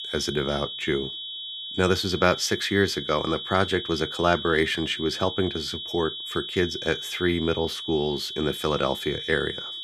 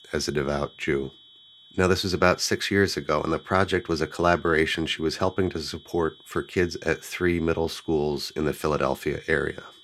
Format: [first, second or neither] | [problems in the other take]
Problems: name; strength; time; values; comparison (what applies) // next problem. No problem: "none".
second | high-pitched whine; loud; throughout; 3.5 kHz, 7 dB below the speech; faint in the second